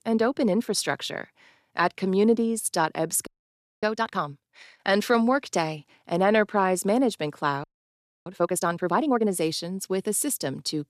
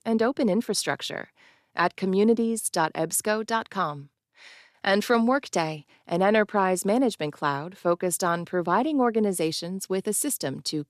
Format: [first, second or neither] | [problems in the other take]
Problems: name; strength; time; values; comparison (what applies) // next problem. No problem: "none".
second | audio freezing; at 3.5 s for 0.5 s and at 7.5 s for 0.5 s